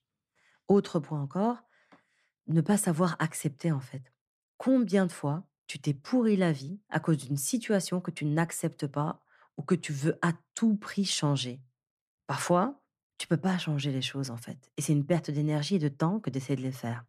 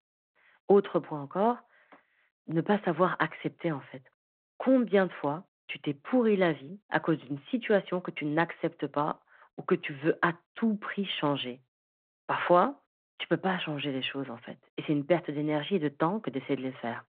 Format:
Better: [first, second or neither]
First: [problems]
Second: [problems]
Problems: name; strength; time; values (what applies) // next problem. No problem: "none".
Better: first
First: none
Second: phone-call audio